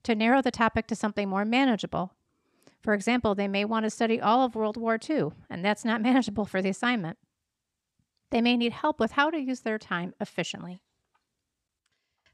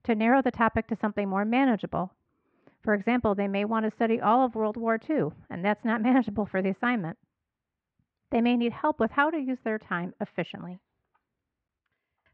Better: first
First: none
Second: muffled; very; fading above 2 kHz

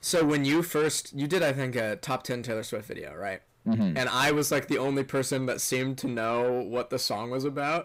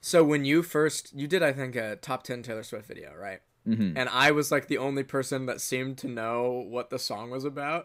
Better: second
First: distortion; heavy; 7 dB below the speech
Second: none

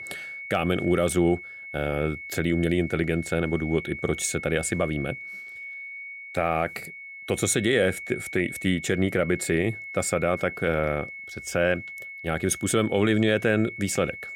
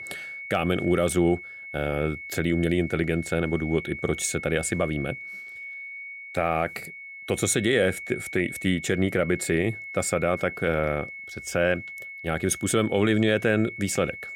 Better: neither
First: high-pitched whine; noticeable; throughout; 2 kHz, 10 dB below the speech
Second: high-pitched whine; noticeable; throughout; 2 kHz, 10 dB below the speech

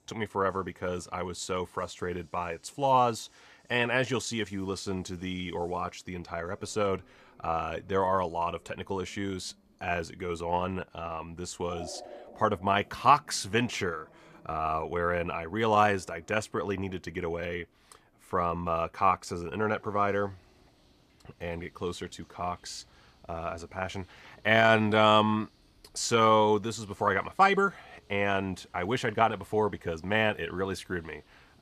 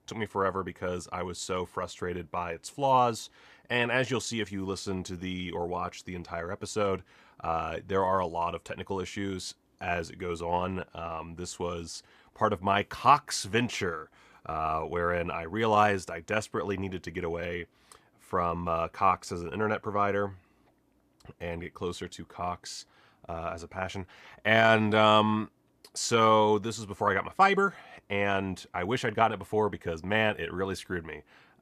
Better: second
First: animal sounds; faint; throughout; 30 dB below the speech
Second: none

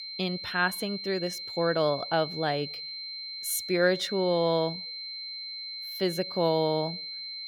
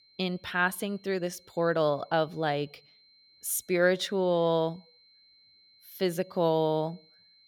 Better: second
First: high-pitched whine; loud; throughout; 4 kHz, 7 dB below the speech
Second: high-pitched whine; faint; throughout; 4 kHz, 30 dB below the speech

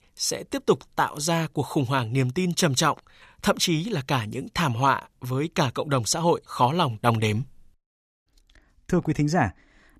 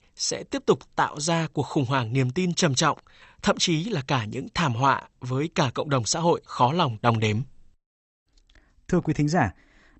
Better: first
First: none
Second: garbled, watery; slightly; nothing above 8 kHz

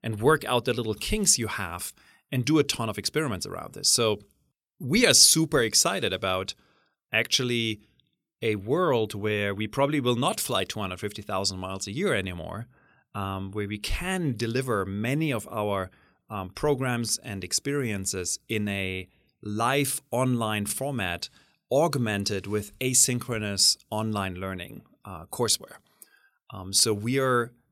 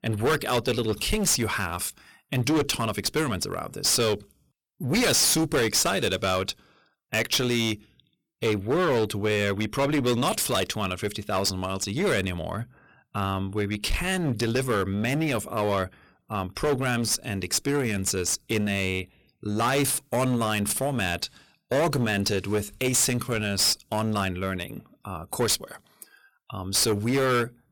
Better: first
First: none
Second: distortion; heavy; 14% of the sound clipped

